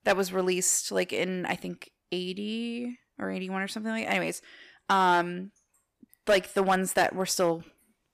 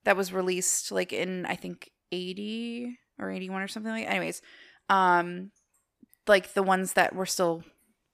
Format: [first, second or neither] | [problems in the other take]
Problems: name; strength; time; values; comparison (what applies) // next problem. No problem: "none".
second | distortion; slight; 1.9% of the sound clipped